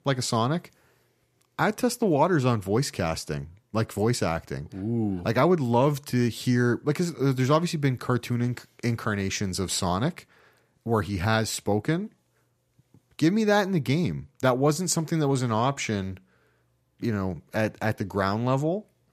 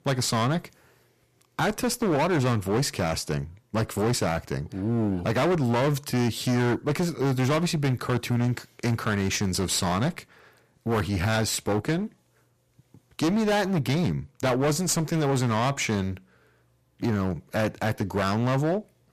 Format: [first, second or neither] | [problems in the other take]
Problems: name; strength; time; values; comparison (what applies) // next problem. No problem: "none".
first | distortion; heavy; 19% of the sound clipped